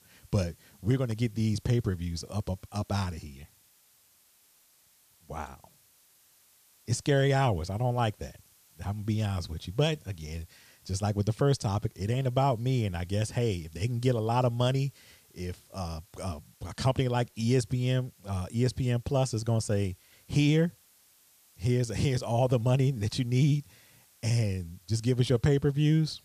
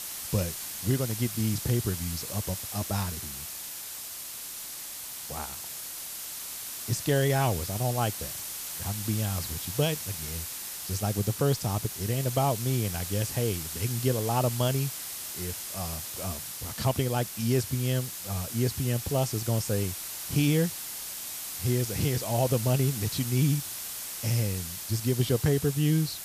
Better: first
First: hiss; faint; throughout; 30 dB below the speech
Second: hiss; loud; throughout; 5 dB below the speech

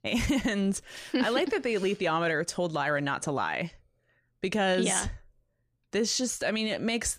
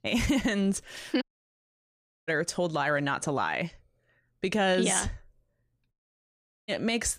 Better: first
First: none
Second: audio cutting out; at 1 s for 1 s and at 6 s for 1 s

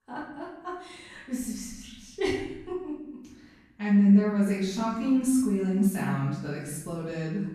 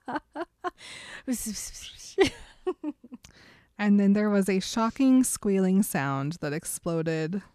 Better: second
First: off-mic speech; far // room echo; noticeable; dies away in 0.9 s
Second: none

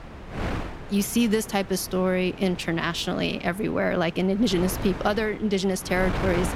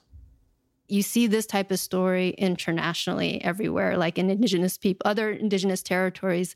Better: second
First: wind noise on the microphone; occasional gusts; 10 dB below the speech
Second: none

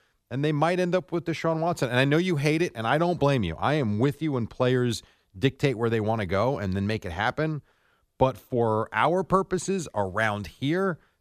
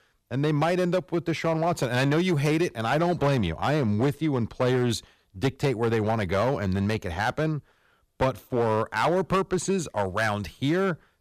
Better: first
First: none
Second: distortion; slight; 7% of the sound clipped

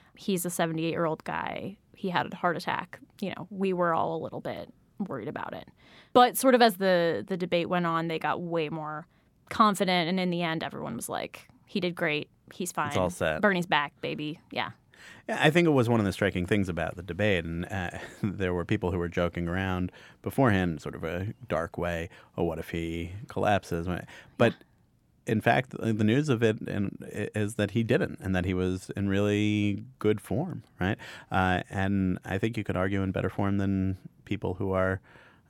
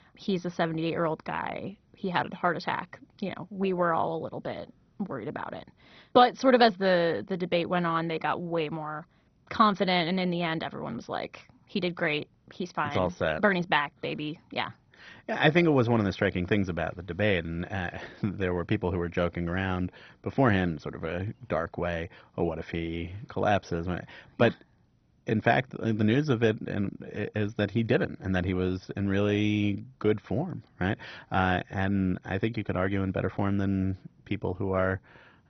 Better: first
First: none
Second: garbled, watery; badly; nothing above 6 kHz

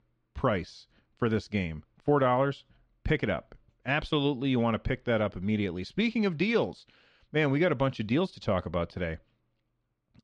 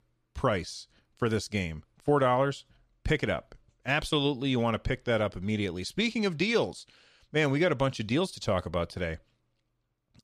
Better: second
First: muffled; very slightly; fading above 3.5 kHz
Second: none

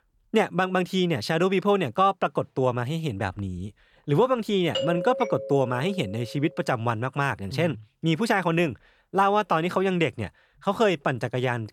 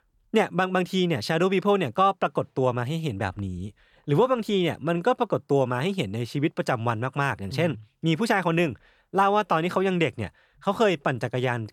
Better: second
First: doorbell; noticeable; from 4.5 to 6.5 s; peak 4 dB below the speech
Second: none

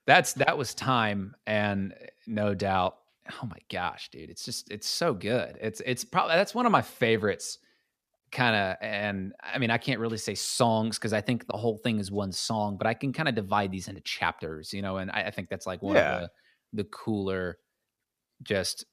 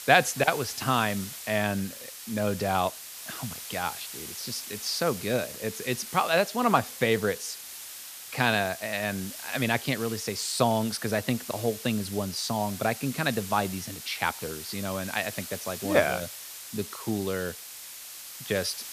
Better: first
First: none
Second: hiss; loud; throughout; 10 dB below the speech

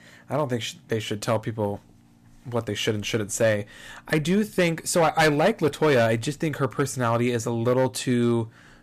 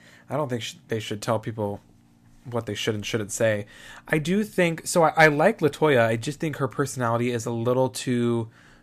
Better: second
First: distortion; slight; 4% of the sound clipped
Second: none

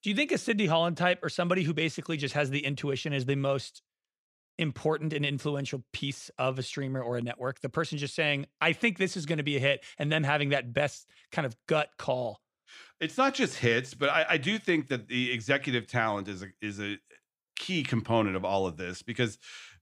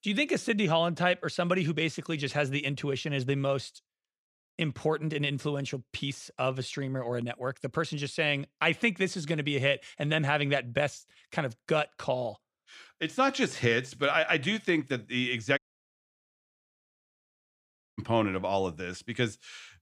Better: first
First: none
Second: audio cutting out; at 16 s for 2.5 s

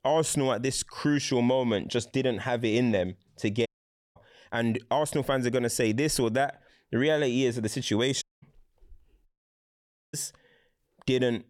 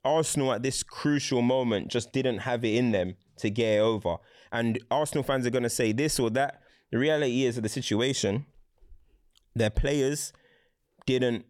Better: second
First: audio cutting out; at 3.5 s for 0.5 s, at 8 s and at 9.5 s for 1 s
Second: none

